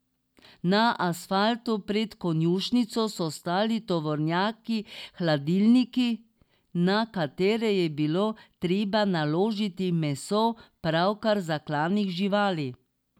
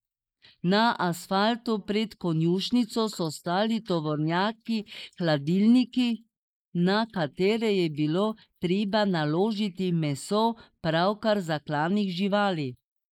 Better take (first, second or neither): first